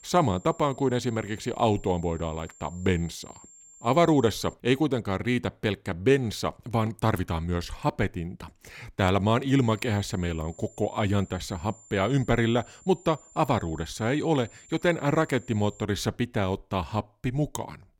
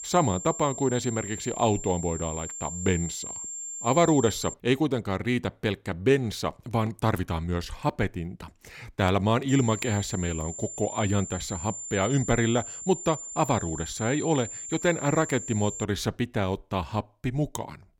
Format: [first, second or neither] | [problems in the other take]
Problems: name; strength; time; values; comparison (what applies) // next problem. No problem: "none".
first | high-pitched whine; loud; until 4.5 s and from 9.5 to 16 s; 7.5 kHz, 8 dB below the speech; faint in the first